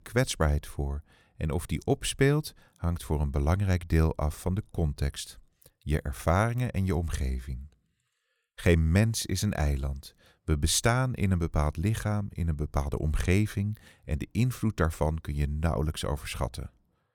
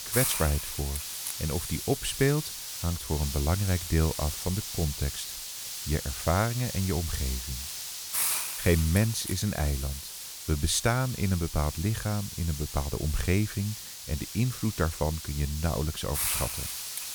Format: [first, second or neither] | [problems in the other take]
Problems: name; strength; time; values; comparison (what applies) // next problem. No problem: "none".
first | hiss; loud; throughout; 4 dB below the speech